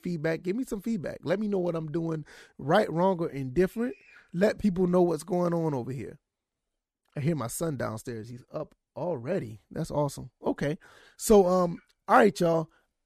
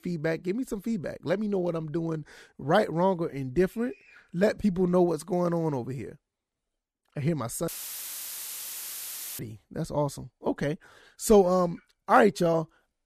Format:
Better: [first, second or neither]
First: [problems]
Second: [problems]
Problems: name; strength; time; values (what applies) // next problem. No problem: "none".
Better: first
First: none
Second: audio cutting out; filled with static; at 7.5 s for 1.5 s